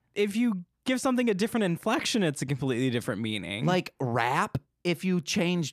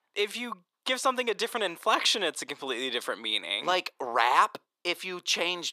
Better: first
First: none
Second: thin; very; fading below 450 Hz

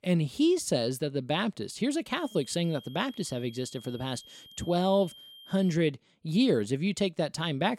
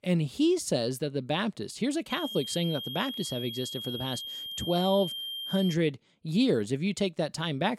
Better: first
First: high-pitched whine; faint; from 2 to 5.5 s; 3 kHz, 20 dB below the speech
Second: high-pitched whine; loud; from 2 to 5.5 s; 3 kHz, 6 dB below the speech

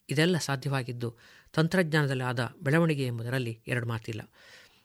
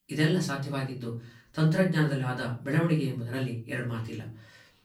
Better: first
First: none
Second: room echo; slight; dies away in 0.4 s // off-mic speech; far

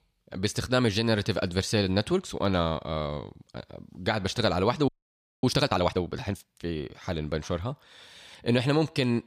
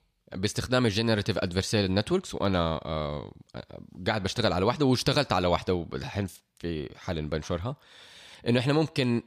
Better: second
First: audio freezing; at 5 s for 0.5 s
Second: none

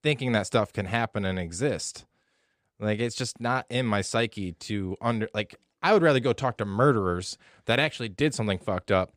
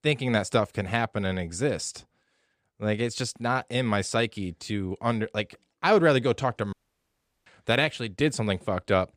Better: first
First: none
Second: audio cutting out; at 6.5 s for 0.5 s

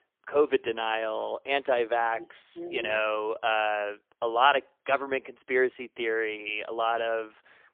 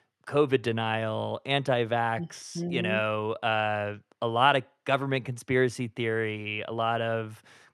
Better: second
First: phone-call audio; poor line; nothing above 3 kHz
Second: none

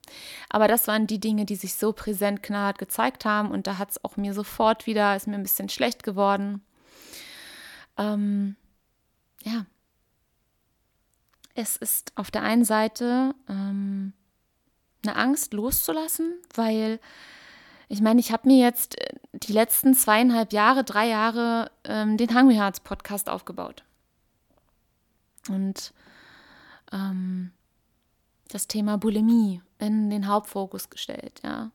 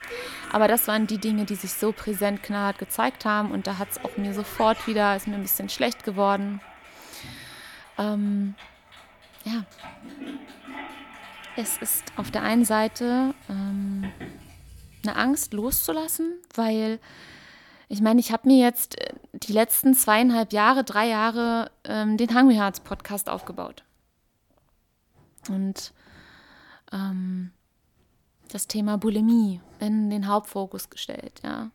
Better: first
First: none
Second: household noises; noticeable; throughout; 20 dB below the speech

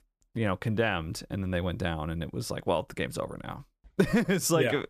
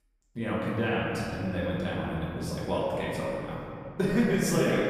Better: first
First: none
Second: room echo; strong; dies away in 2.4 s // off-mic speech; far

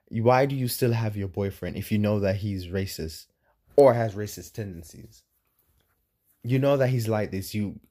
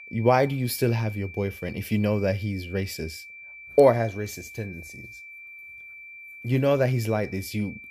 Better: first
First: none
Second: high-pitched whine; noticeable; throughout; 2.5 kHz, 15 dB below the speech

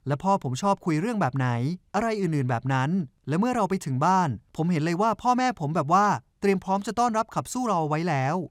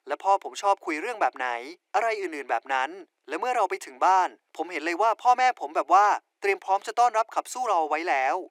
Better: first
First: none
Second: thin; very; fading below 350 Hz

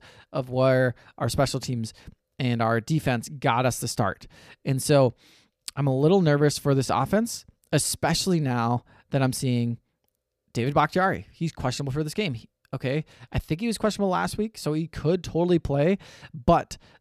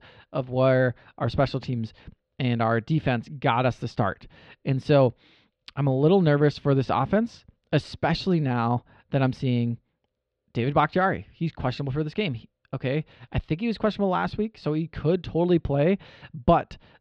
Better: first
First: none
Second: muffled; slightly; fading above 3.5 kHz

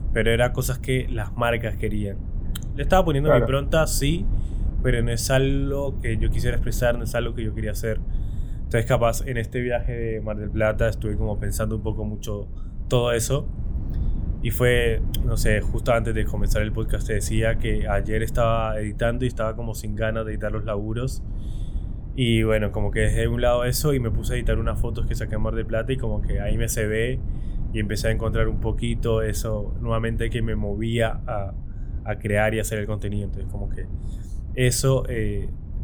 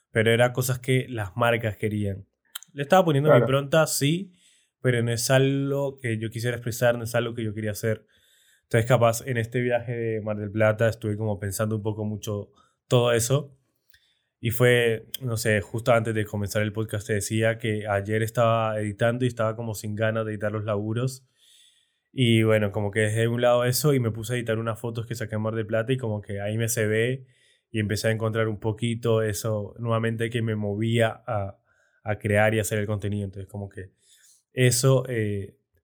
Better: second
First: low rumble; noticeable; throughout; 20 dB below the speech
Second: none

